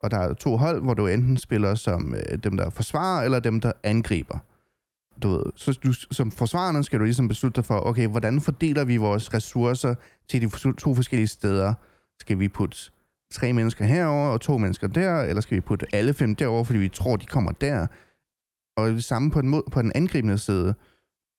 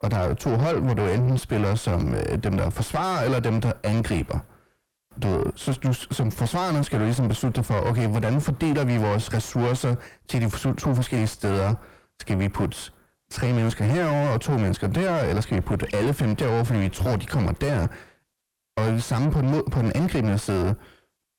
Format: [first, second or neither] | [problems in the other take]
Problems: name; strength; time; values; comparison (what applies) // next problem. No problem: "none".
first | distortion; heavy; 7 dB below the speech